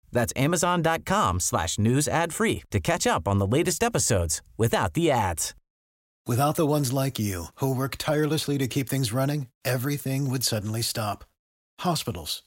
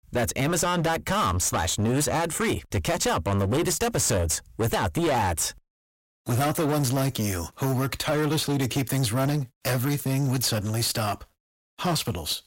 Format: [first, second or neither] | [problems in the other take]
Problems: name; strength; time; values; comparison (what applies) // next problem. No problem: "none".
first | distortion; heavy; 20% of the sound clipped